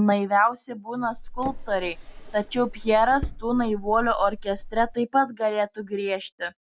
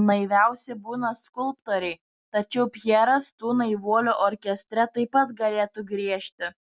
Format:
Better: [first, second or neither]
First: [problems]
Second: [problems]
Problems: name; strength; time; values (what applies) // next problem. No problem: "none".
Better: second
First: background sound (Drawer open or close); 10 dB below the speech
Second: none